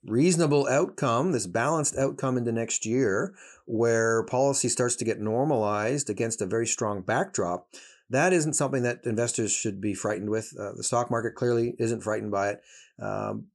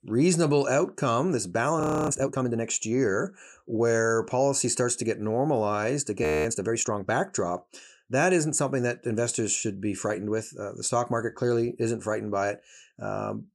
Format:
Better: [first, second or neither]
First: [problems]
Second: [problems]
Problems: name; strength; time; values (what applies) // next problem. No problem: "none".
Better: first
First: none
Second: audio freezing; at 2 s and at 6 s